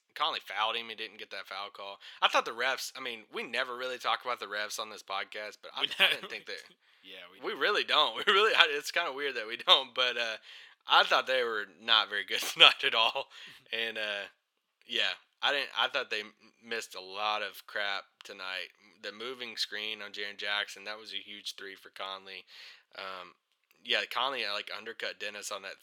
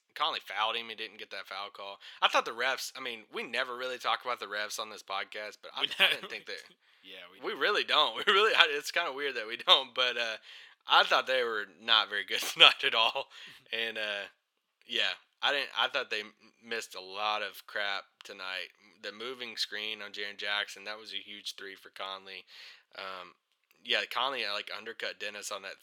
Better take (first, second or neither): neither